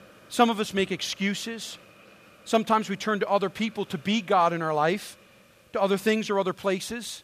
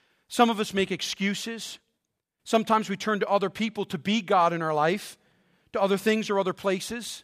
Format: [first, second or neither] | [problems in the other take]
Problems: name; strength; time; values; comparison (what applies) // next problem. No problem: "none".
second | hiss; faint; throughout; 25 dB below the speech